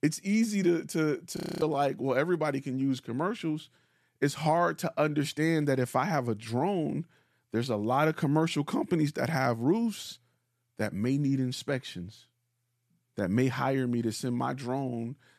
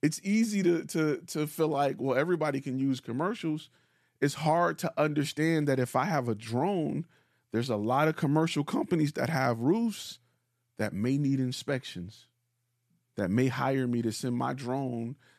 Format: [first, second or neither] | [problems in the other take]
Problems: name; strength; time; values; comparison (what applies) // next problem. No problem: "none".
second | audio freezing; at 1.5 s